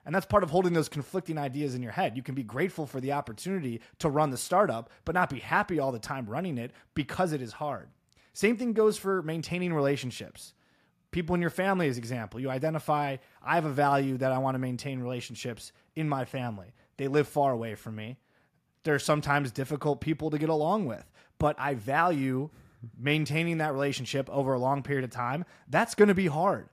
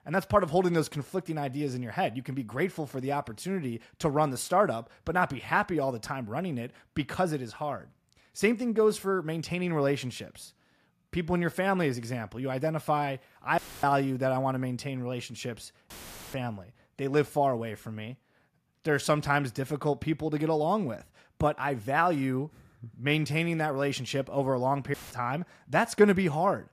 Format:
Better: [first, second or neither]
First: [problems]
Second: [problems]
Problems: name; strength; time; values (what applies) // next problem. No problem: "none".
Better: first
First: none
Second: audio cutting out; filled with static; at 14 s, at 16 s and at 25 s